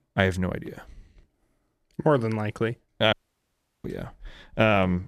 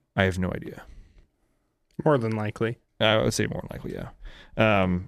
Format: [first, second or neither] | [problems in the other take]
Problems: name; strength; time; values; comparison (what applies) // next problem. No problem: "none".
second | audio cutting out; at 3 s for 0.5 s